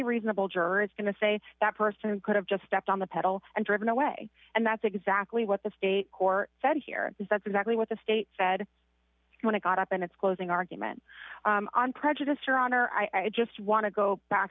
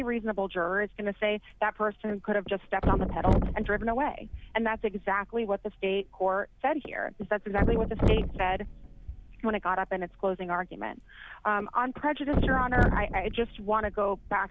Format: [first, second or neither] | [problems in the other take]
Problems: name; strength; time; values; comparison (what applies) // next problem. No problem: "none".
first | background sound (Thump, thud); 3 dB below the speech